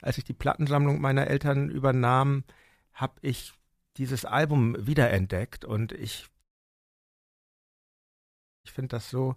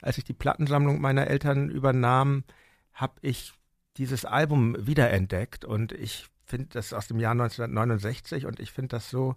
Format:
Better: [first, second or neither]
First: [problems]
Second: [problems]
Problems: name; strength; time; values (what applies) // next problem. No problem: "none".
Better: second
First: audio cutting out; at 6.5 s for 2 s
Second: none